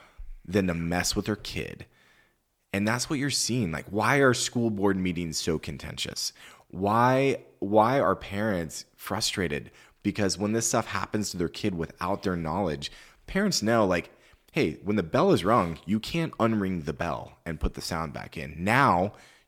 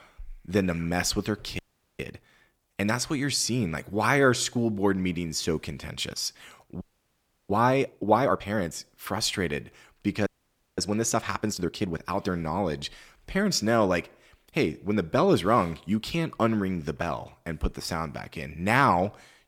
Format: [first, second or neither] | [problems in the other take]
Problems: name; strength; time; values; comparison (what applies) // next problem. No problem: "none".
first | audio freezing; at 1.5 s, at 7 s for 0.5 s and at 10 s for 0.5 s